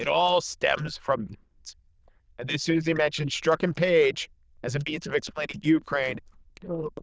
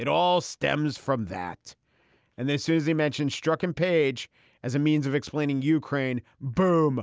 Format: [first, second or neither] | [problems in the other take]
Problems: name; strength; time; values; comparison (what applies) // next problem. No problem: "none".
second | noise reduction (neural diffusion model UNIVERSE++)